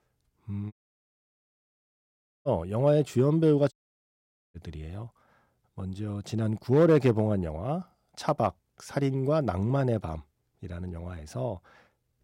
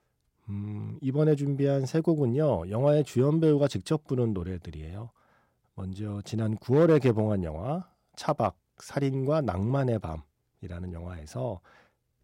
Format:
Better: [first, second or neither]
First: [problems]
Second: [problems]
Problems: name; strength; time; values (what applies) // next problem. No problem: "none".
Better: second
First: audio cutting out; at 0.5 s for 1.5 s and at 3.5 s for 1 s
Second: none